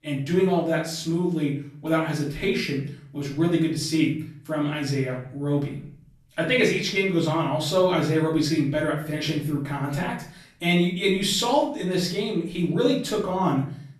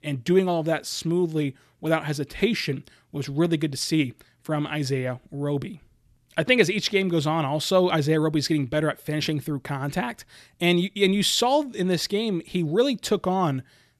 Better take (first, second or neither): second